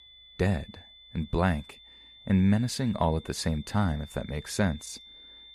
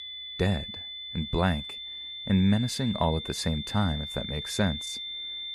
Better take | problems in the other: first | high-pitched whine; loud; throughout; 3.5 kHz, 7 dB below the speech; faint in the first

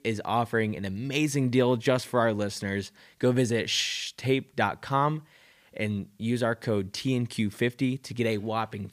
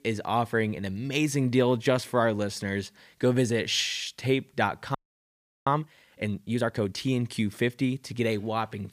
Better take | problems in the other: first | audio freezing; at 5 s for 0.5 s

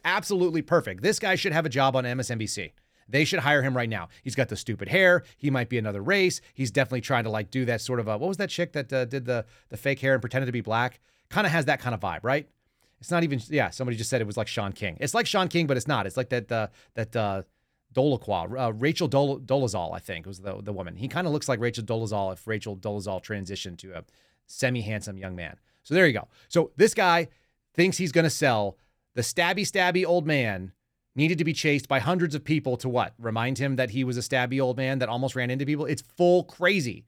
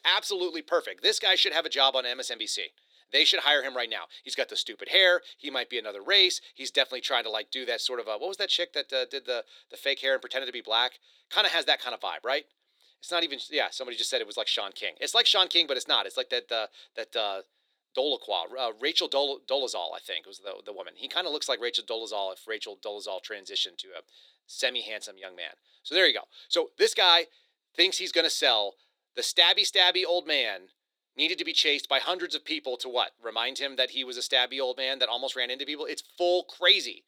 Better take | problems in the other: first | thin; very; fading below 350 Hz

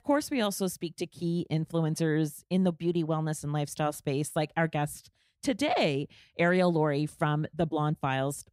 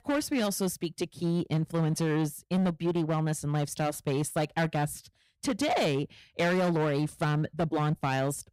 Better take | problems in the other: first | distortion; slight; 13% of the sound clipped

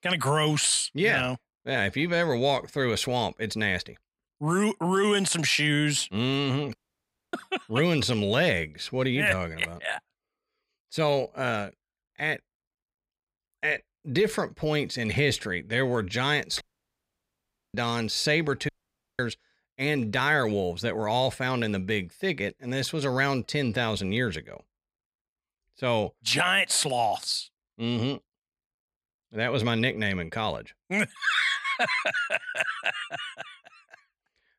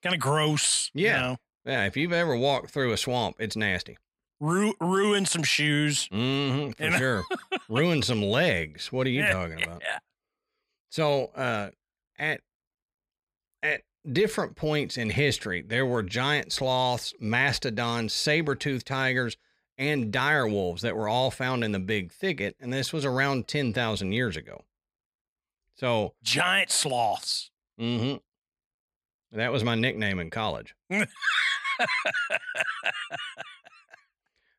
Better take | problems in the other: second | audio cutting out; at 7 s for 0.5 s, at 17 s for 1 s and at 19 s for 0.5 s

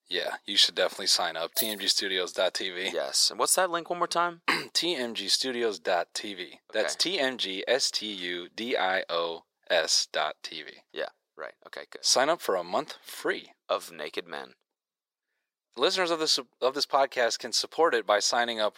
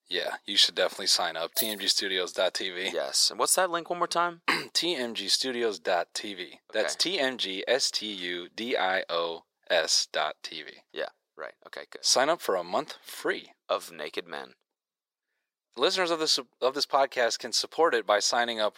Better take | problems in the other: neither | thin; very; fading below 450 Hz; the same in both

